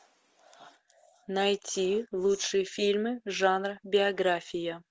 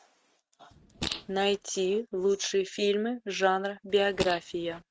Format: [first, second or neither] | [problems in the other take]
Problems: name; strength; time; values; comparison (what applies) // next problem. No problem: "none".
first | noise reduction (neural mask model RNNoise)